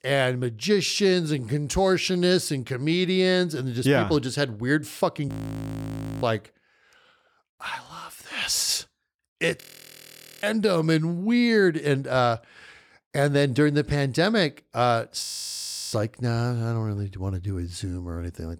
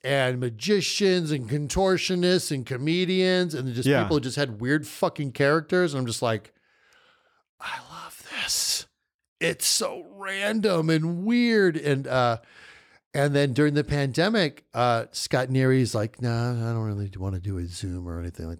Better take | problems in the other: second | audio freezing; at 5.5 s for 1 s, at 9.5 s for 1 s and at 15 s for 0.5 s

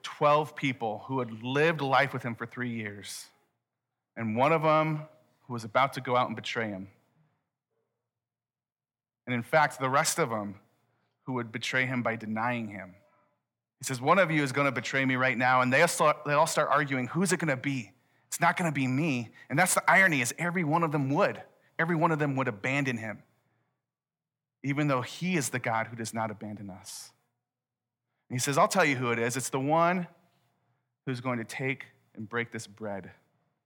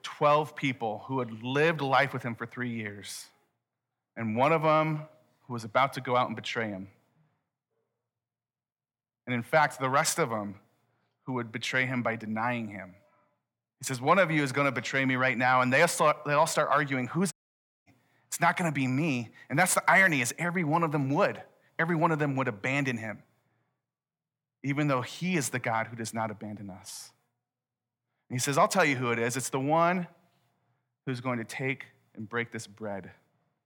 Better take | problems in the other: first | audio cutting out; at 17 s for 0.5 s

